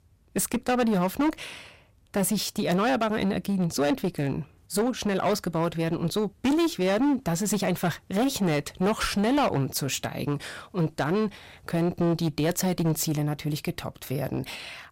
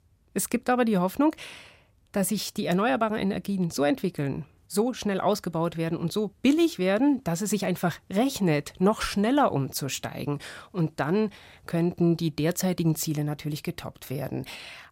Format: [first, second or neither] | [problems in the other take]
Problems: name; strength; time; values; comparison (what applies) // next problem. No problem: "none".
second | distortion; slight; 13% of the sound clipped